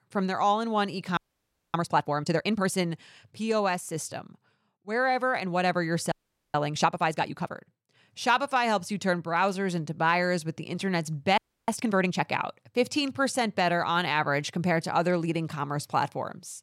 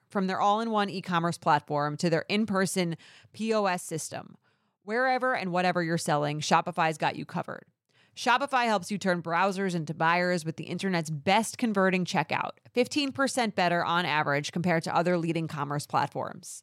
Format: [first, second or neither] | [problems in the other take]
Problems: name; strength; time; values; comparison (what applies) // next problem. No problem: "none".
second | audio freezing; at 1 s for 0.5 s, at 6 s and at 11 s